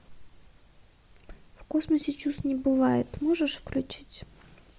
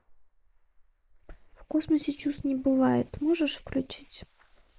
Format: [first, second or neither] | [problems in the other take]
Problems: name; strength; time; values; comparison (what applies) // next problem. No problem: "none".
first | noise reduction (neural mask model Resemble Enhance denoiser)